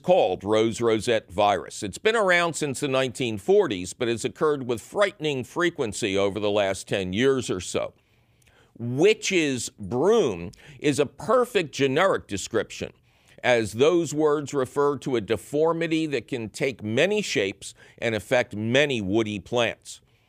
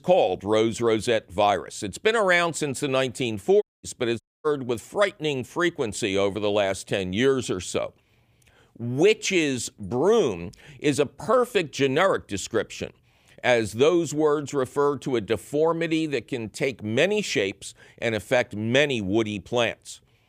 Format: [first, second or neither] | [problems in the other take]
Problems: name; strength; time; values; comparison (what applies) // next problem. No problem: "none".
first | audio cutting out; at 3.5 s and at 4 s